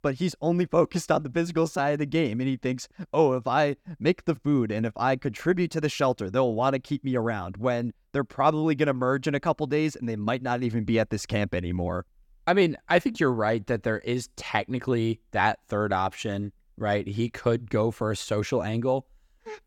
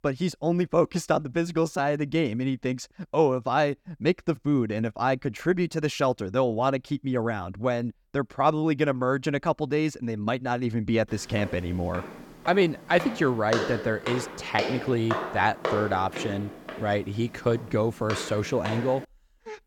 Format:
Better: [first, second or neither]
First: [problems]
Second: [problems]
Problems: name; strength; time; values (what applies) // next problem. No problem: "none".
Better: first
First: none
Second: footsteps; noticeable; from 11 to 19 s; peak 3 dB below the speech